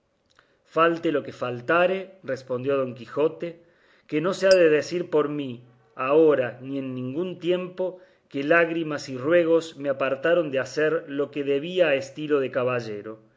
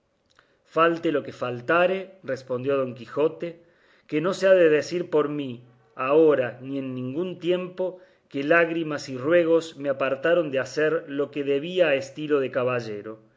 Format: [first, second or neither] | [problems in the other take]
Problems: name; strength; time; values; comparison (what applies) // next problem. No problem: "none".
second | background sound (Glass); 15 dB below the speech